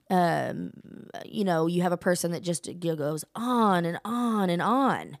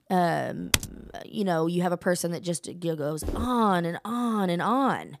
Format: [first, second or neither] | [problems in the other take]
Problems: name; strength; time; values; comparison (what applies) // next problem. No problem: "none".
first | keyboard typing; very faint; at 0.5 s; peak 1 dB above the speech // footsteps; noticeable; at 3 s; peak 8 dB below the speech